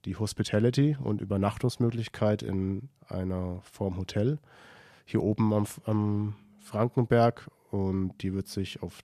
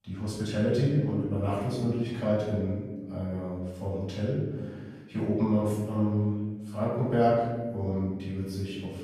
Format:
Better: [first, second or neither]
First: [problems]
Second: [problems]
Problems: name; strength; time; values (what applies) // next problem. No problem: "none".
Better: first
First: none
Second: off-mic speech; far // room echo; noticeable; dies away in 1.3 s